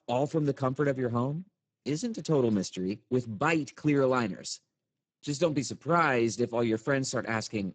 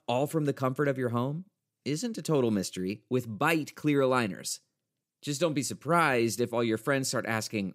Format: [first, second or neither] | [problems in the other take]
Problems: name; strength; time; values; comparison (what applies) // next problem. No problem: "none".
second | garbled, watery; badly; nothing above 8 kHz